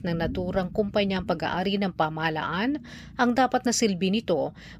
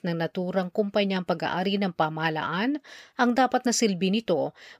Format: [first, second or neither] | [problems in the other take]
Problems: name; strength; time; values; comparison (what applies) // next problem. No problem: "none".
second | low rumble; faint; throughout; 25 dB below the speech